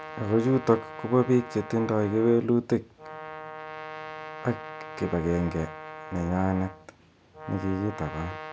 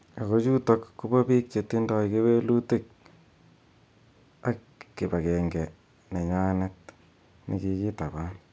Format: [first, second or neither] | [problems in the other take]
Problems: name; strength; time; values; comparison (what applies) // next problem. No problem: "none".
second | background sound (Brass instrument); 13 dB below the speech